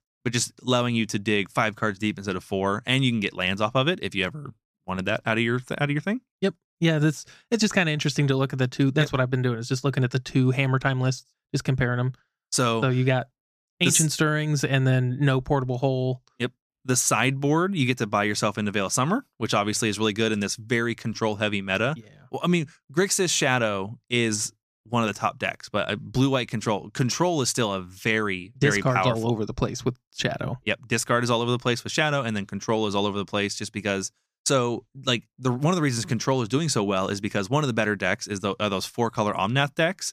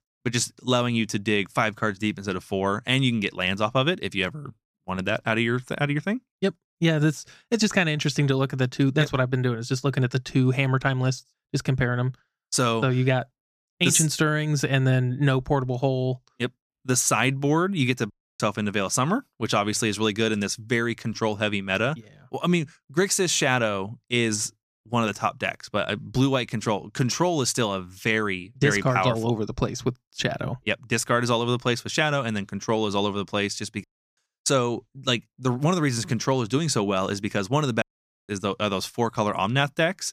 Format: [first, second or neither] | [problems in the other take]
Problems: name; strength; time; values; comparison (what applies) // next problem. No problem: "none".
first | audio cutting out; at 18 s, at 34 s and at 38 s